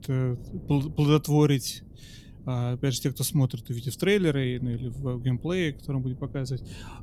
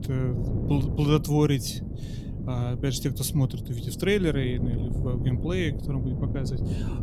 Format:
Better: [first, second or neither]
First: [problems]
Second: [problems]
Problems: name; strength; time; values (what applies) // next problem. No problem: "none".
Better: first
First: wind noise on the microphone; occasional gusts; 25 dB below the speech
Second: wind noise on the microphone; heavy; 10 dB below the speech